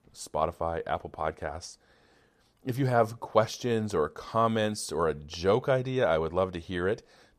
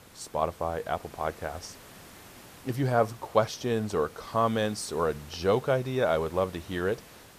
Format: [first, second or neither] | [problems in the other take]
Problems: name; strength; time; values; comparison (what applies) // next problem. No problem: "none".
first | hiss; faint; throughout; 20 dB below the speech